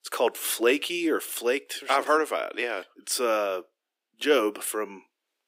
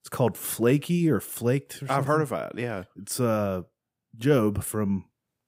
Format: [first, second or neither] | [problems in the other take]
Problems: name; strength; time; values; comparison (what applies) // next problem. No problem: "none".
second | thin; somewhat; fading below 300 Hz